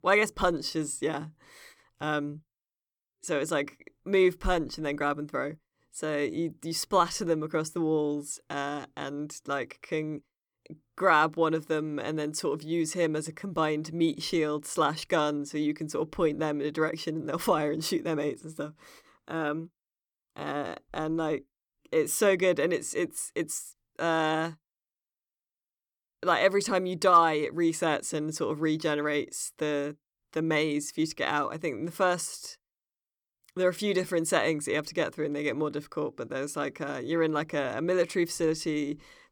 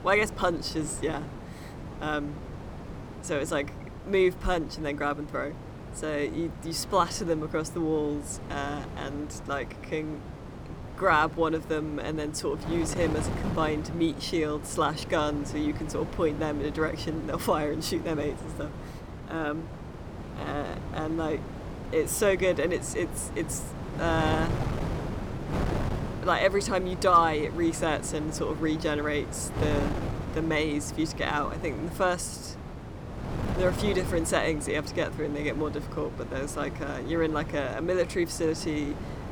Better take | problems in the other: first | wind noise on the microphone; occasional gusts; 10 dB below the speech

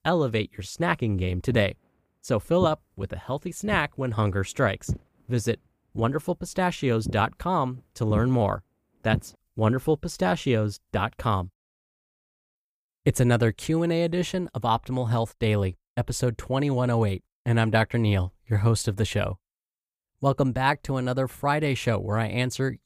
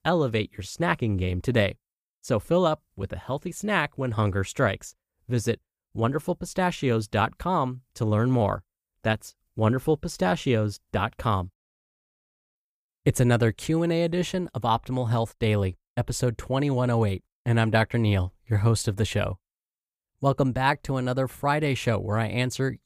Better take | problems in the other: second | footsteps; noticeable; from 1.5 to 9 s; peak 6 dB below the speech

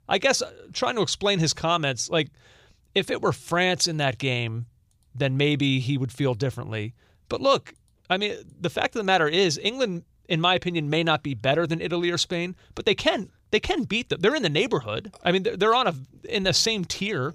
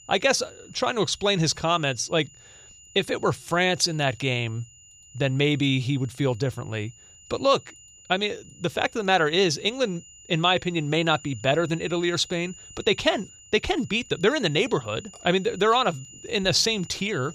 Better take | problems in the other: first | high-pitched whine; faint; throughout; 7 kHz, 20 dB below the speech

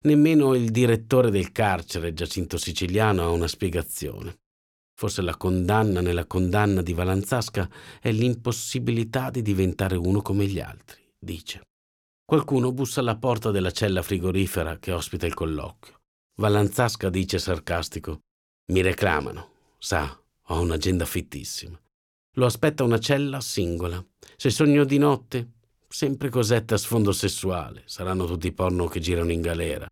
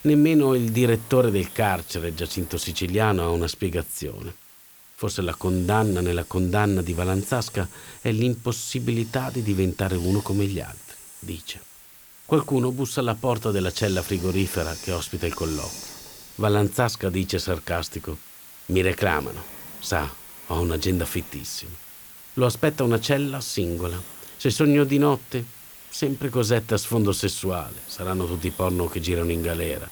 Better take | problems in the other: first | hiss; noticeable; throughout; 15 dB below the speech

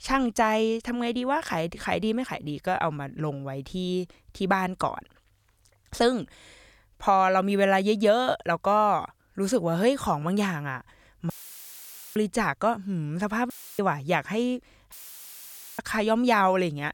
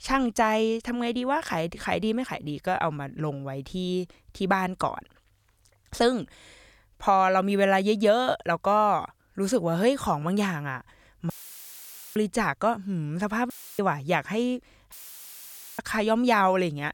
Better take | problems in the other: neither | audio cutting out; filled with static; at 11 s for 1 s, at 14 s and at 15 s for 1 s; the same in both

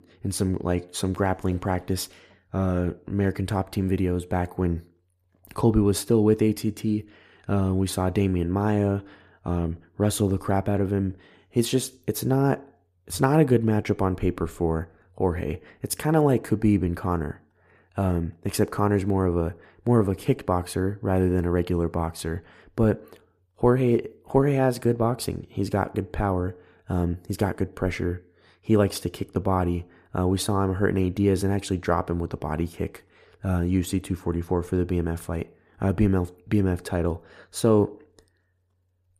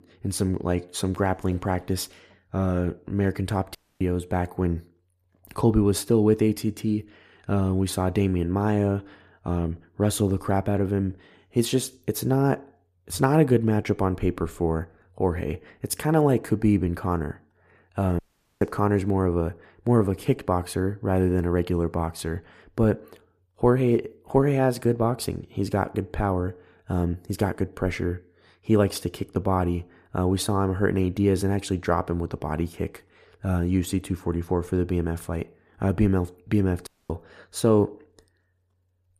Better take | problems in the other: first | audio cutting out; at 4 s, at 18 s and at 37 s

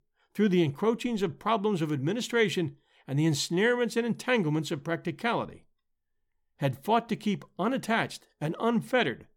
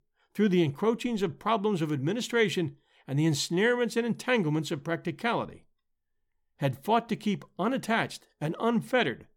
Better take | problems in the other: neither | none

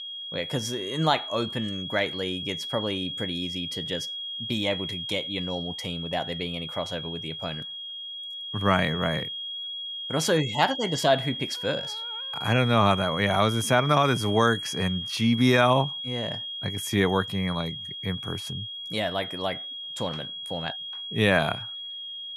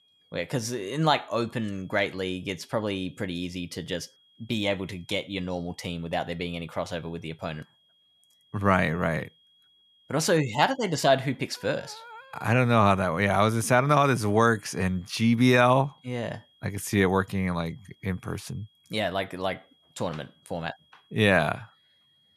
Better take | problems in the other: second | high-pitched whine; loud; throughout; 3.5 kHz, 6 dB below the speech; faint in the second

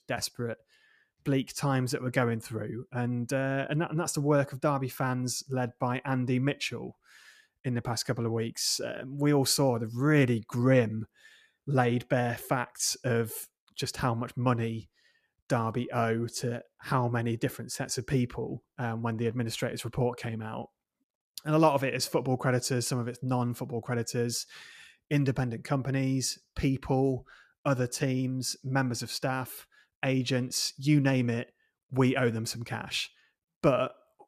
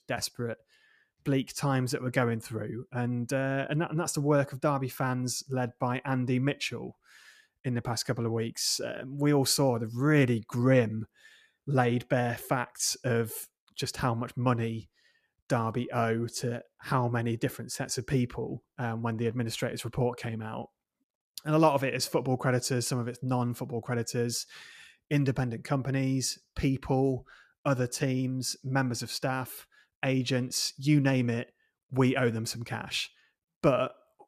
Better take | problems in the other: neither | none

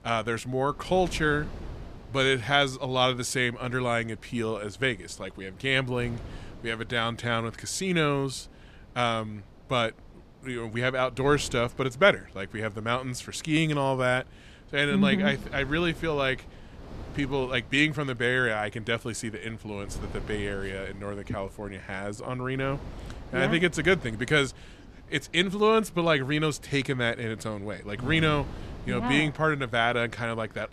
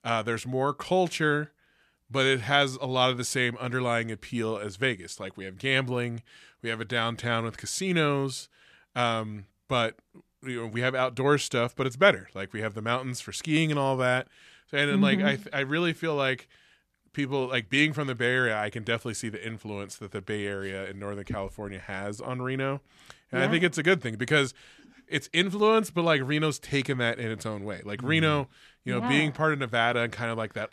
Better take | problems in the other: second | wind noise on the microphone; occasional gusts; 25 dB below the speech

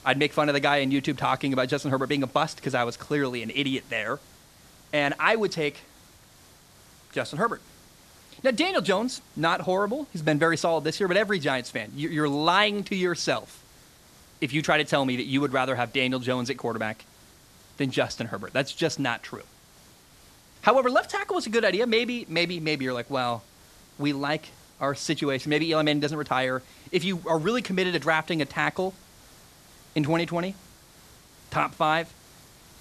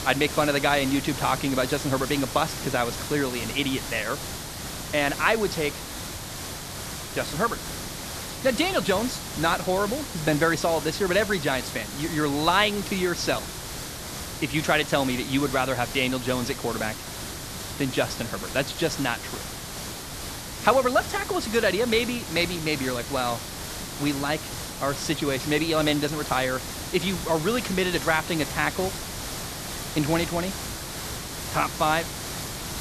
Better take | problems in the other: first | hiss; loud; throughout; 7 dB below the speech; faint in the first

